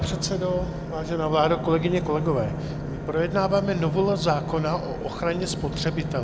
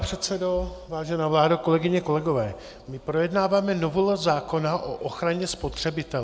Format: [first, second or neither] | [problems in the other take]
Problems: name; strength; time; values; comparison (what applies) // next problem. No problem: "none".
second | background sound (Engine / Boat, Water vehicle); 5 dB below the speech